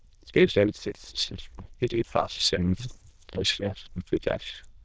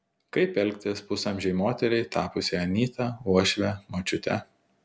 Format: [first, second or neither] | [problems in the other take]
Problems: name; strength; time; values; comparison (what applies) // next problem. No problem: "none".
second | noise reduction (neural diffusion model UNIVERSE++)